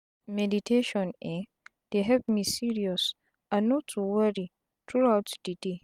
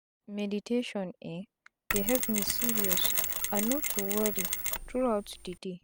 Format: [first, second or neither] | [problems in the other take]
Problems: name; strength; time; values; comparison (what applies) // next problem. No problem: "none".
first | background sound (Mechanisms); 2 dB above the speech